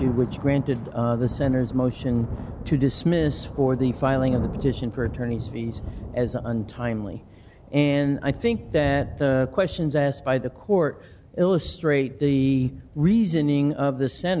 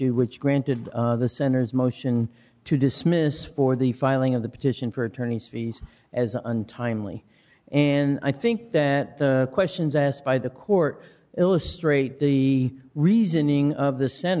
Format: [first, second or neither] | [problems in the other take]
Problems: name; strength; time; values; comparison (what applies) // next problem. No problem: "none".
second | background sound (Thunder / Rain); 12 dB below the speech